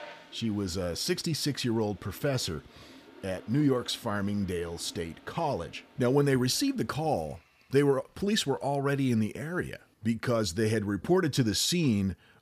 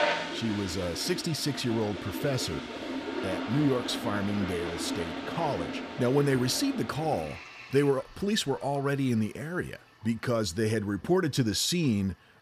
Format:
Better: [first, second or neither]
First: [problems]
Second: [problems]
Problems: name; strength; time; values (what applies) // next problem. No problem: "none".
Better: first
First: household noises; faint; throughout; 25 dB below the speech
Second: household noises; loud; throughout; 7 dB below the speech